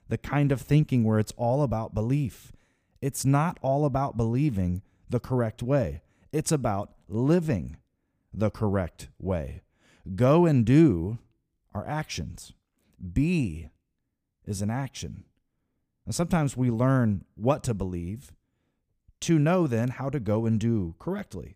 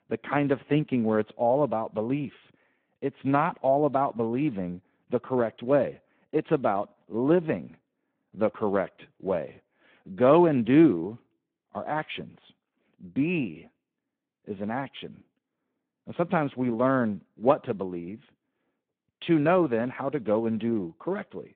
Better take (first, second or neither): first